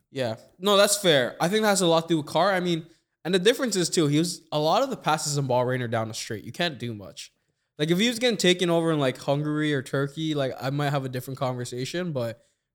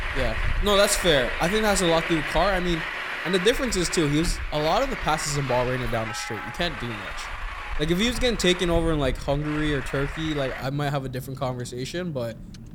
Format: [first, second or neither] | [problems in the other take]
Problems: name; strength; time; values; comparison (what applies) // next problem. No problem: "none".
first | traffic noise; loud; throughout; 6 dB below the speech